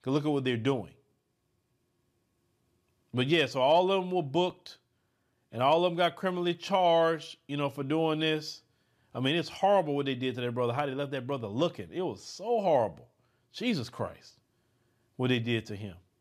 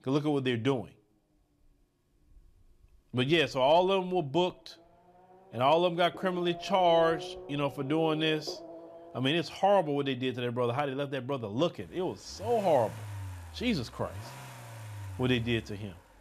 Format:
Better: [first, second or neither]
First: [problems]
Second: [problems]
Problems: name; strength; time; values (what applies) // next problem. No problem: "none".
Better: first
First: none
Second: traffic noise; noticeable; throughout; 15 dB below the speech